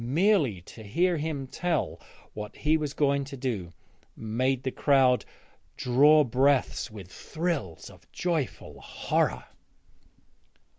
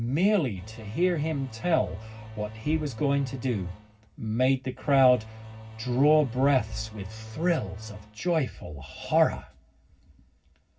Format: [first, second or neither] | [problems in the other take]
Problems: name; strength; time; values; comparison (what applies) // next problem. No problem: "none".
first | background sound (Engine / Domestic sounds, home sounds); 13 dB below the speech // room echo; dies away in 0.4 s